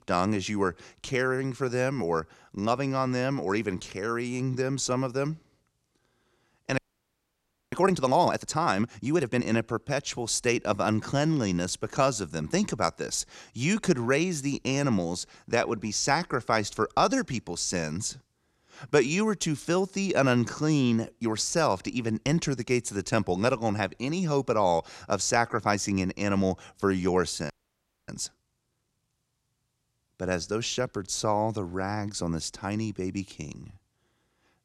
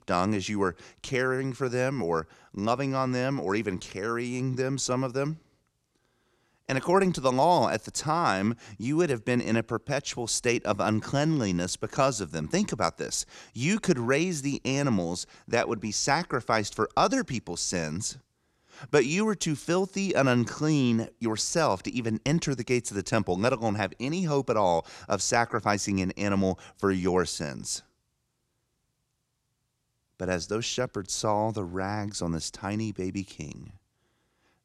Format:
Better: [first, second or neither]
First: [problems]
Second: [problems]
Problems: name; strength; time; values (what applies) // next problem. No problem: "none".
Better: second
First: audio freezing; at 7 s for 1 s and at 28 s for 0.5 s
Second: none